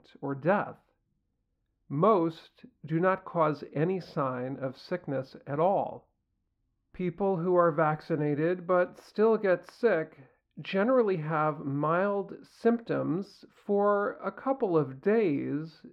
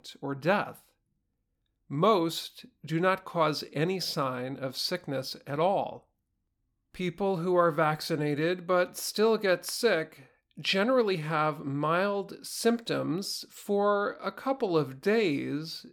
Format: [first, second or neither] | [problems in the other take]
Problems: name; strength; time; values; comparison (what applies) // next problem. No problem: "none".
second | muffled; very; fading above 3.5 kHz